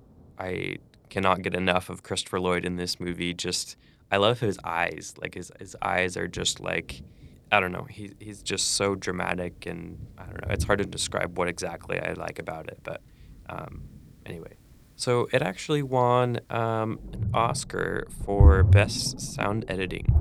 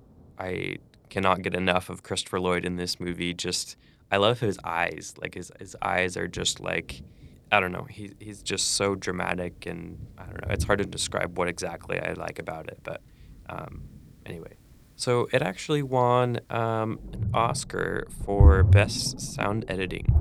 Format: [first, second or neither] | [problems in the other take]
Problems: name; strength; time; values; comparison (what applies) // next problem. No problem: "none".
neither | rain or running water; very loud; throughout; 2 dB above the speech; the same in both